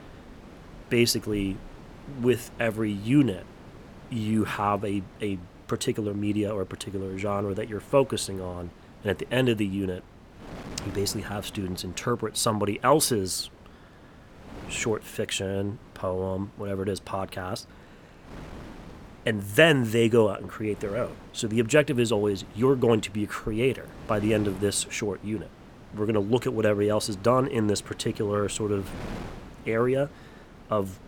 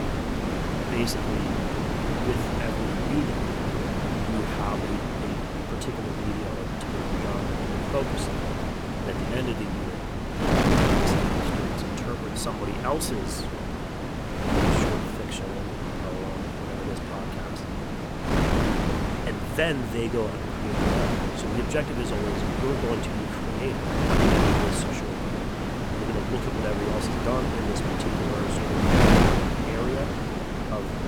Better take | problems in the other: first | wind noise on the microphone; heavy; 5 dB above the speech; occasional gusts in the first

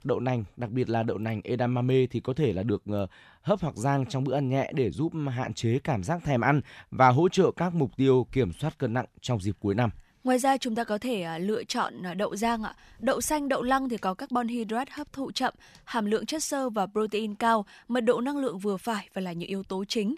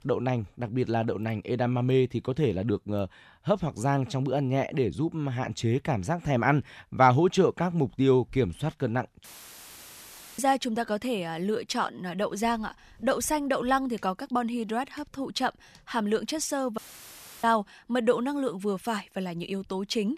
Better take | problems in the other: first | audio cutting out; filled with static; at 9 s for 1 s and at 17 s for 0.5 s

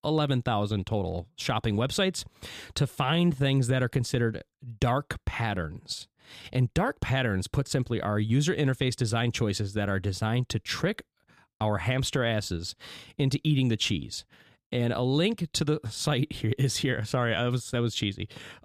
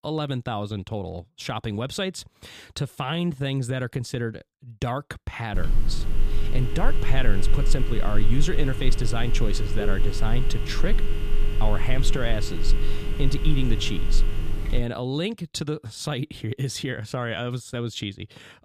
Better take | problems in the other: first | phone ringing; loud; from 5.5 to 15 s; peak 2 dB above the speech

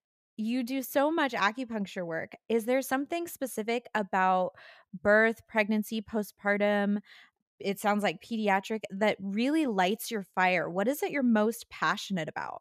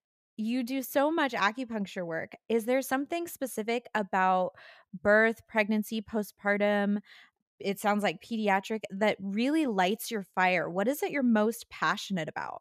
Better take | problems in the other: neither | none

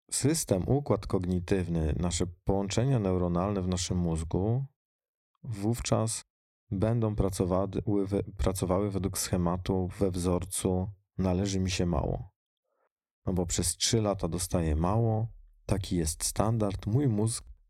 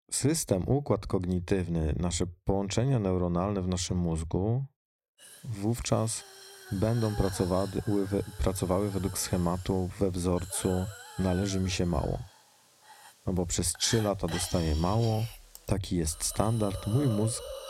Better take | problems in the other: first | hiss; noticeable; from 5 s on; 15 dB below the speech

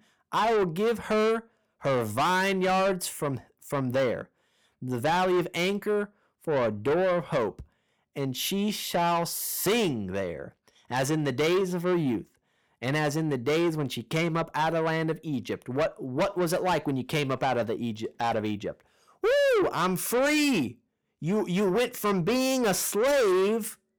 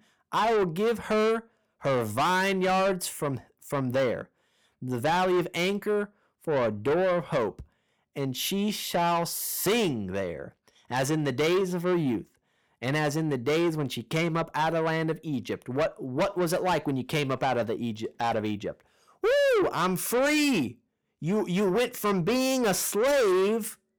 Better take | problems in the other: neither | distortion; heavy; 6 dB below the speech; the same in both

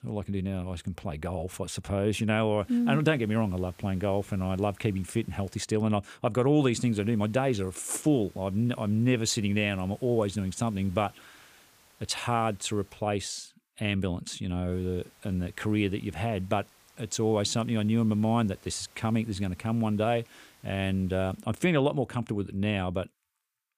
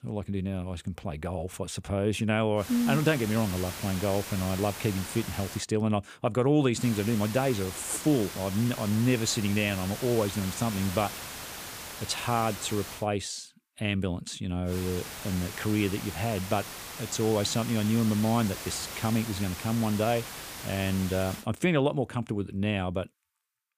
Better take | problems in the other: first | hiss; loud; from 2.5 to 5.5 s, from 7 to 13 s and from 15 to 21 s; 9 dB below the speech; faint in the first

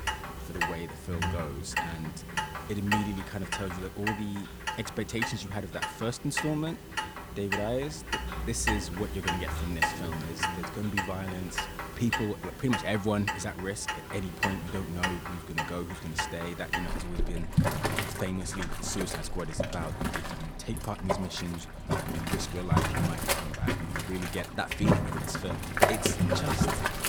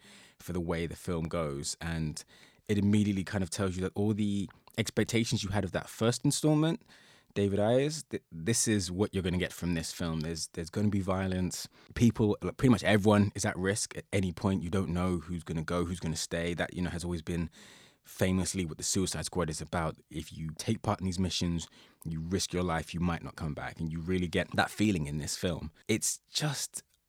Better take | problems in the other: second | household noises; very loud; throughout; 3 dB above the speech

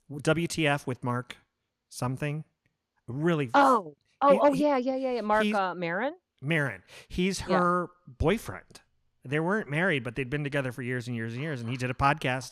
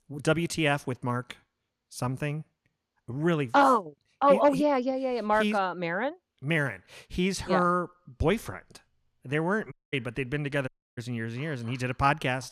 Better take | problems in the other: first | audio cutting out; at 9.5 s and at 11 s

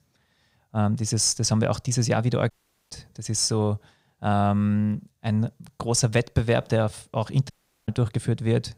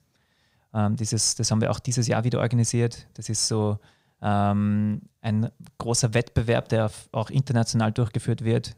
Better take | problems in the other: second | audio cutting out; at 2.5 s and at 7.5 s

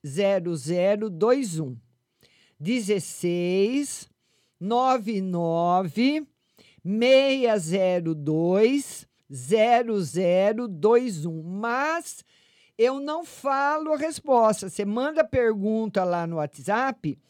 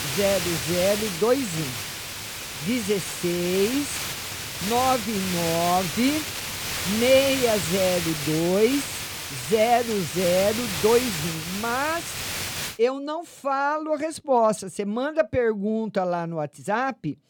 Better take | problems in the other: first | hiss; loud; until 13 s; 4 dB below the speech

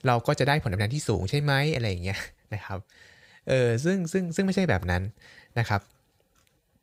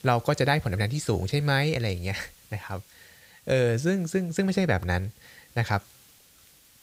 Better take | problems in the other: first | hiss; faint; throughout; 25 dB below the speech

